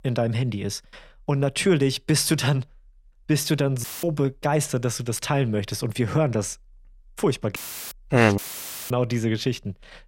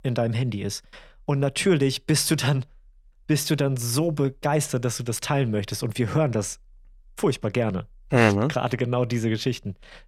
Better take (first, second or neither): second